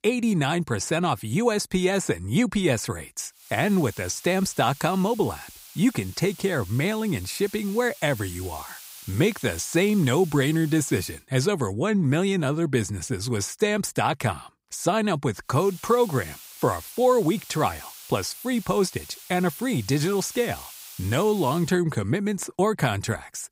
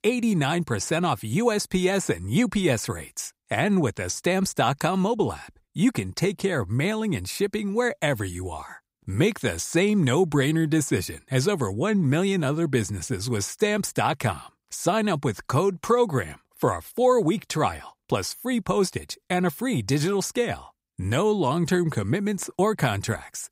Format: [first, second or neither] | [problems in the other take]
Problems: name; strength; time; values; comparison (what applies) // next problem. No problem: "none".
second | hiss; noticeable; from 3.5 to 11 s and from 16 to 22 s; 15 dB below the speech